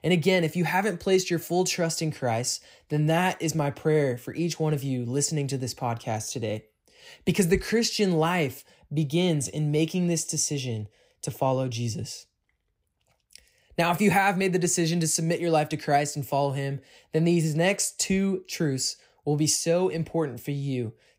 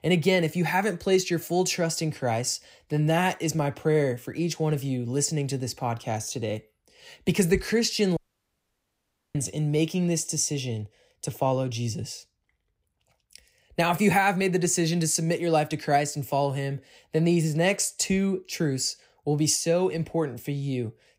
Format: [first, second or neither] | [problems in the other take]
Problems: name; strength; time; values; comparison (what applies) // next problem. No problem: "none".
first | audio cutting out; at 8 s for 1 s